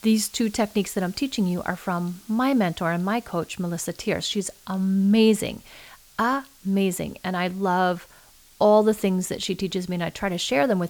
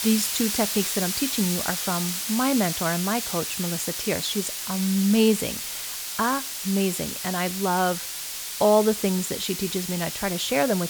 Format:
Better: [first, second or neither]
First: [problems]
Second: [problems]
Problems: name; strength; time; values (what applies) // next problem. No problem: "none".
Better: first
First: hiss; faint; throughout; 25 dB below the speech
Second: hiss; loud; throughout; 3 dB below the speech